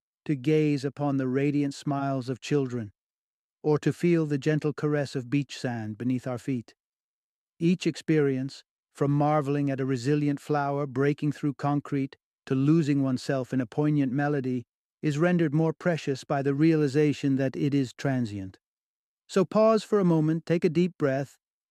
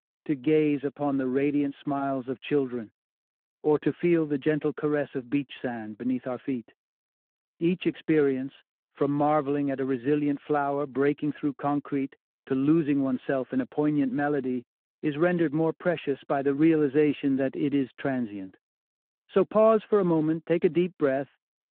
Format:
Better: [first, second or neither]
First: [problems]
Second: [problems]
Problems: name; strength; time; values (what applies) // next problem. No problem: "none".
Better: first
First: none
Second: phone-call audio